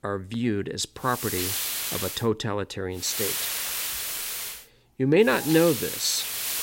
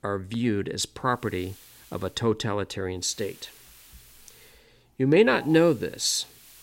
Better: second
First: hiss; loud; from 1 to 2 s, from 3 to 4.5 s and from 5.5 s on; 3 dB below the speech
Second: hiss; faint; from 1 to 2 s, from 3 to 4.5 s and from 5.5 s on; 25 dB below the speech

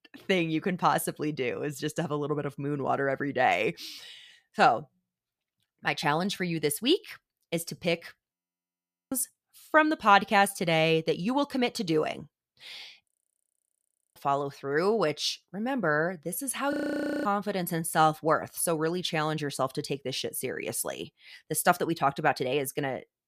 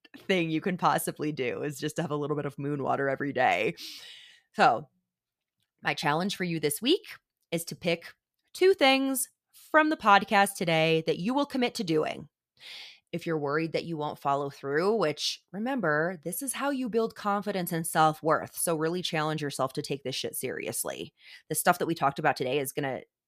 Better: second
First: audio freezing; at 8.5 s for 1 s, at 13 s for 1 s and at 17 s for 0.5 s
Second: none

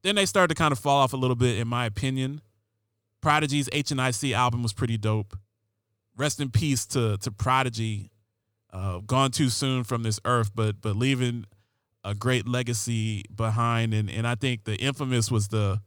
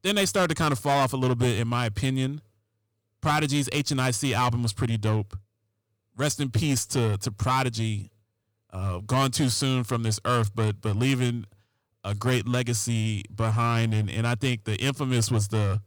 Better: first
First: none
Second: distortion; slight; 8% of the sound clipped

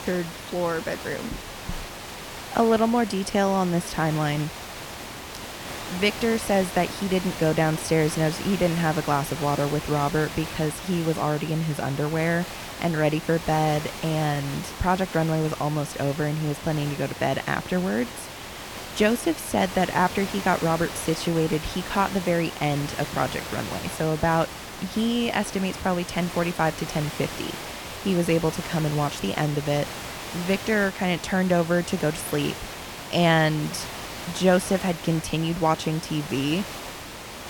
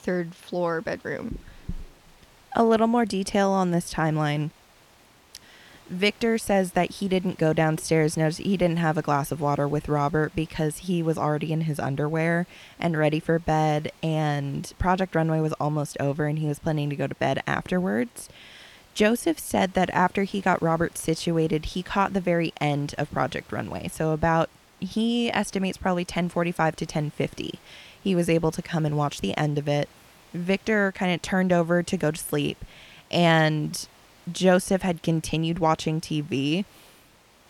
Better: second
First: hiss; loud; throughout; 10 dB below the speech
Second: hiss; faint; throughout; 30 dB below the speech

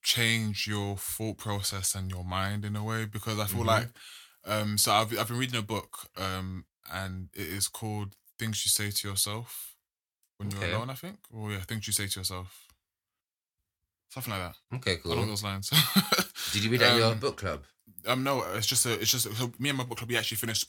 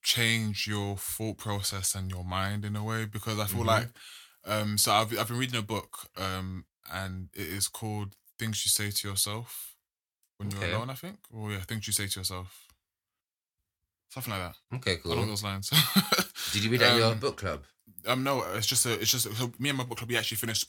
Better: neither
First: none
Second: none

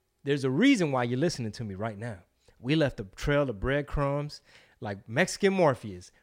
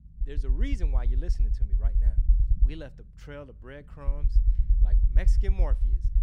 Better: first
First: none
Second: low rumble; loud; throughout; 6 dB below the speech

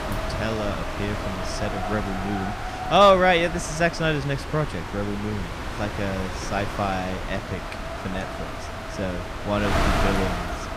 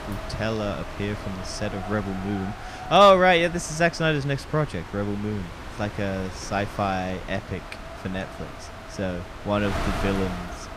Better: second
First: wind noise on the microphone; heavy; 6 dB below the speech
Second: wind noise on the microphone; occasional gusts; 10 dB below the speech

